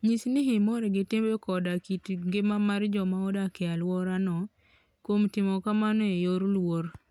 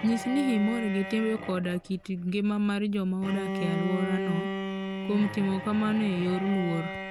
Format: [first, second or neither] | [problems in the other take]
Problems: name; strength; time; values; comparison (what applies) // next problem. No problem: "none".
first | background sound (Bowed string instrument); 7 dB below the speech